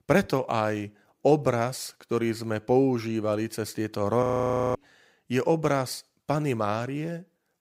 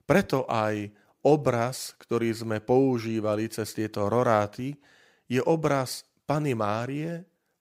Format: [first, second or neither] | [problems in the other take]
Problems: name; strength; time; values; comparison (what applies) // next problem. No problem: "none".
second | audio freezing; at 4 s for 0.5 s